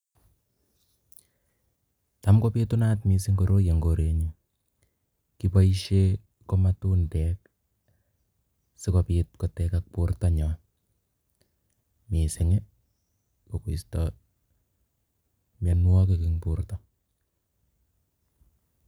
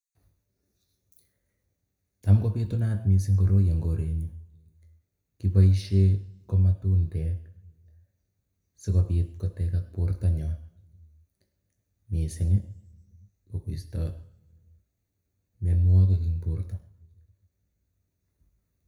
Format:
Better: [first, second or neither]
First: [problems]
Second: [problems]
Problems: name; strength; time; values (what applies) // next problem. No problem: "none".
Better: first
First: none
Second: room echo; dies away in 0.6 s